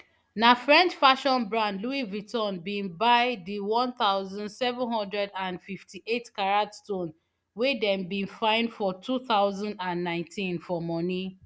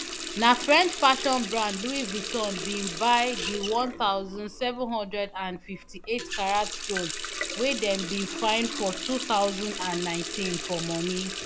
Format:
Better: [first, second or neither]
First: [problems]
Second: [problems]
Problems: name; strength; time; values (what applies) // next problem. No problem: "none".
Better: first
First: none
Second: background sound (Water tap, faucet); 7 dB below the speech